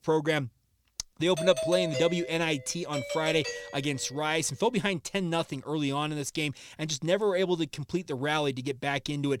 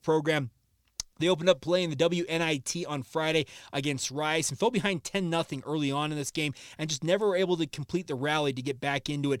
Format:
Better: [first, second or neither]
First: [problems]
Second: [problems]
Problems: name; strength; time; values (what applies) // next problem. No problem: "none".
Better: second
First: doorbell; noticeable; from 1.5 to 4 s; peak 2 dB below the speech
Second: none